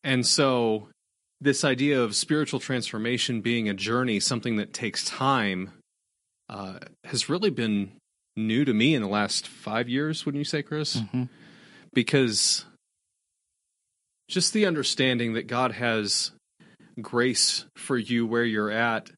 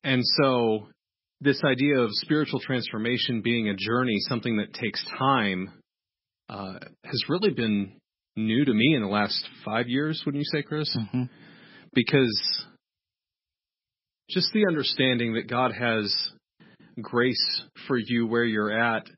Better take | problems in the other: first | garbled, watery; badly; nothing above 5.5 kHz; slightly in the first

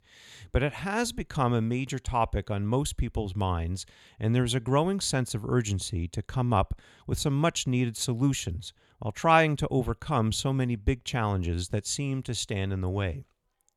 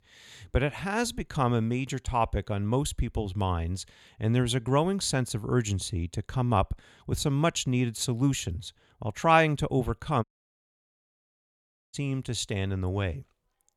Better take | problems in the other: first | audio cutting out; at 10 s for 1.5 s

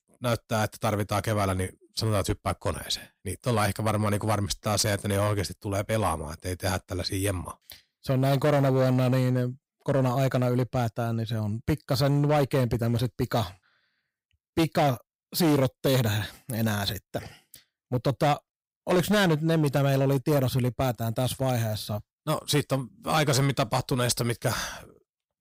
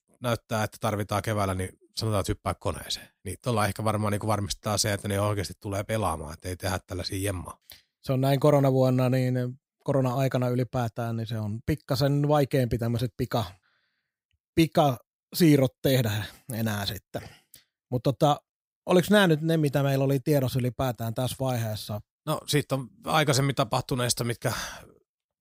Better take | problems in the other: second | distortion; slight; 7% of the sound clipped

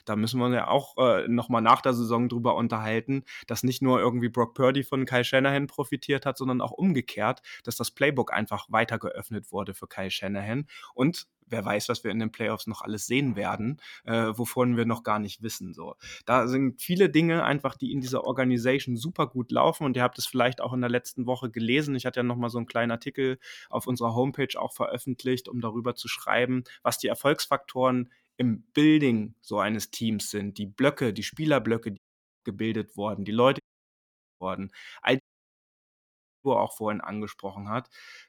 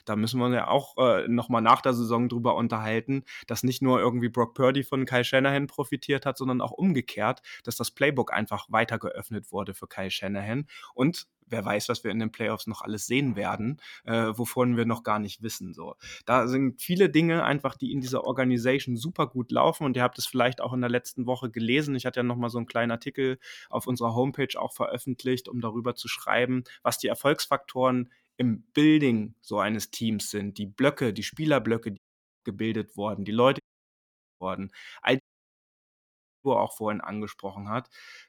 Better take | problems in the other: neither | audio cutting out; at 32 s, at 34 s for 1 s and at 35 s for 1 s; the same in both

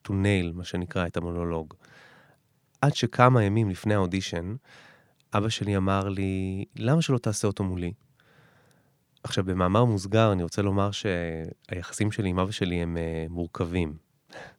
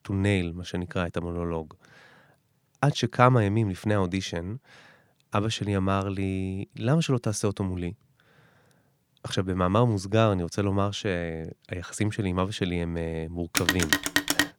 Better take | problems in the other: first | phone ringing; loud; at 14 s; peak 3 dB above the speech

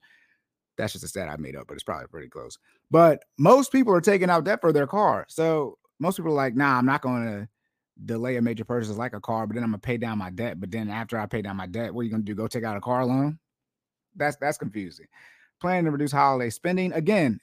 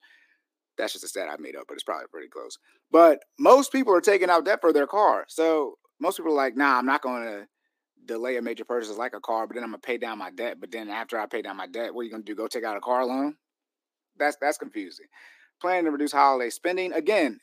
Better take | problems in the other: first | thin; somewhat; fading below 300 Hz

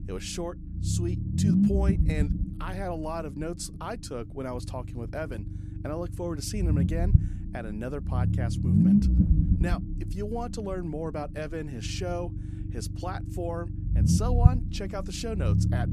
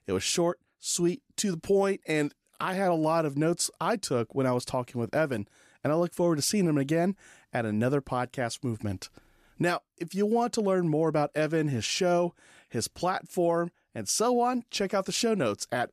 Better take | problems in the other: second | low rumble; loud; throughout; 1 dB below the speech

